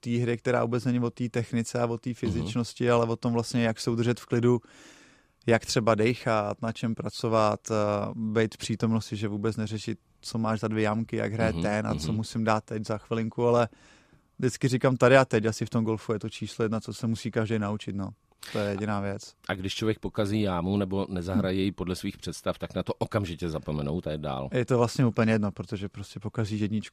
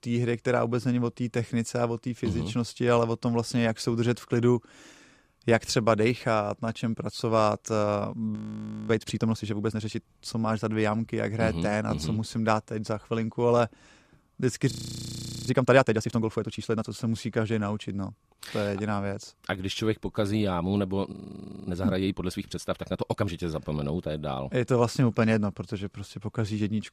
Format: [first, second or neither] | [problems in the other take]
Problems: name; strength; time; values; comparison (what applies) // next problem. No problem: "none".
first | audio freezing; at 8.5 s for 0.5 s, at 15 s for 1 s and at 21 s for 0.5 s